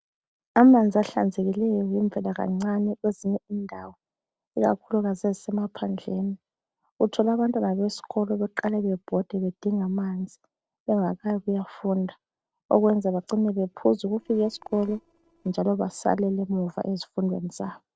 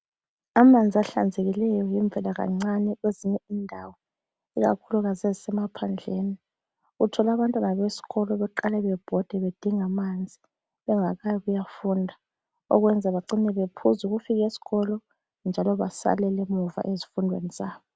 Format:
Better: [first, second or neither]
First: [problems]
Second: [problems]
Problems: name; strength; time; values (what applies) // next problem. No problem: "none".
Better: second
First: noise reduction (neural separator model SepFormer DNS4)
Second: none